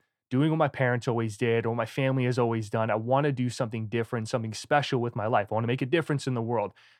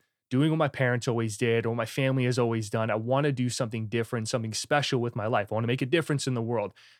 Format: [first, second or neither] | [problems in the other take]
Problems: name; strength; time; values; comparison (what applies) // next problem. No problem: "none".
second | muffled; very slightly; fading above 3.5 kHz